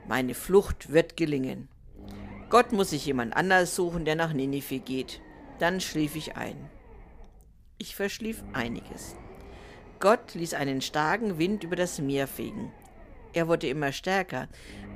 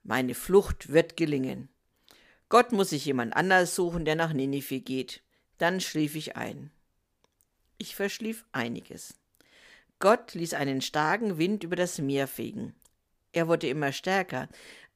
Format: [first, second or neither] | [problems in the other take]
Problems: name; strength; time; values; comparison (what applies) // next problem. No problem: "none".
second | low rumble; faint; throughout; 25 dB below the speech